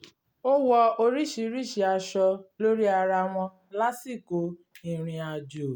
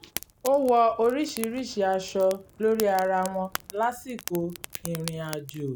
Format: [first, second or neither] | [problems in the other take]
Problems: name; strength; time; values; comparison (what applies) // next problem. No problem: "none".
first | background sound (Fire); 15 dB below the speech